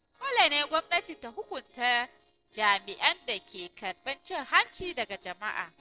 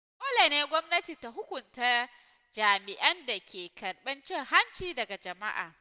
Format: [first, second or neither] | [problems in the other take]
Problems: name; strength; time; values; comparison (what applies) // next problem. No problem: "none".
second | noise reduction (neural separator model SepFormer DNS4)